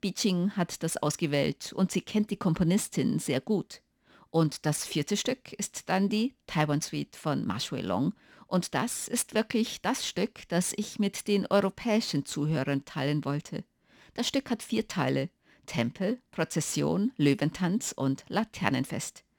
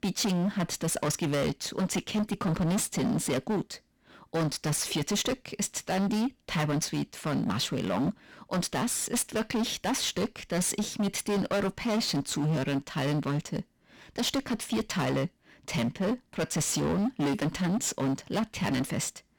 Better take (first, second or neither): first